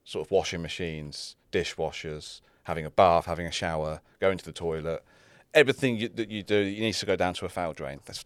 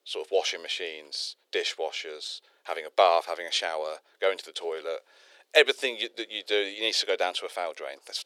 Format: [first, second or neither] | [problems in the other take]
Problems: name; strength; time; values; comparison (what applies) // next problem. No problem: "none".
first | thin; very; fading below 400 Hz